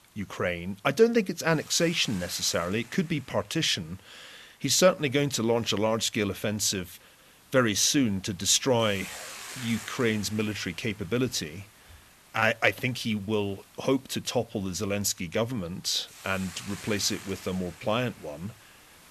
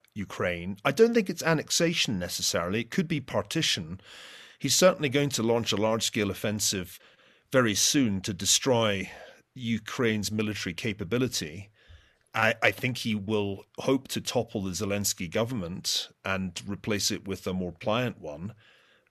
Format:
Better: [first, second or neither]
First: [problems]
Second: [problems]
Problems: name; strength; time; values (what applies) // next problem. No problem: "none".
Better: second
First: hiss; noticeable; throughout; 20 dB below the speech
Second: none